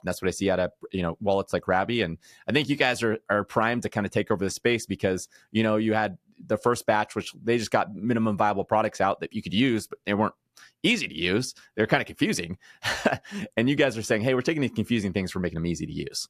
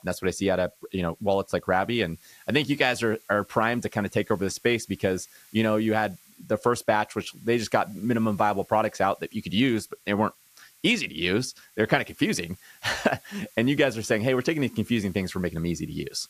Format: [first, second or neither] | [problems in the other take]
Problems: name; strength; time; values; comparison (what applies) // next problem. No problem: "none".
first | hiss; faint; throughout; 25 dB below the speech